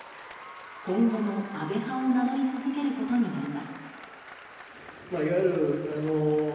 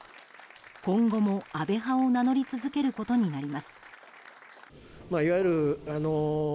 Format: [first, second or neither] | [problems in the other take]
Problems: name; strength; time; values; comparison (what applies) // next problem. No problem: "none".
second | background sound (Applause); 17 dB below the speech // room echo; dies away in 1 s